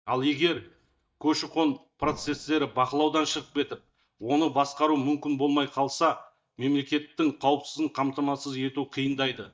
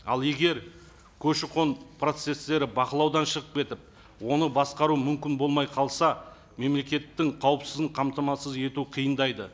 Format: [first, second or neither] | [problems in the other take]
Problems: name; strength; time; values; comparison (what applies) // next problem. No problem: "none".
second | noise reduction (neural mask model DeepFilterNet 3)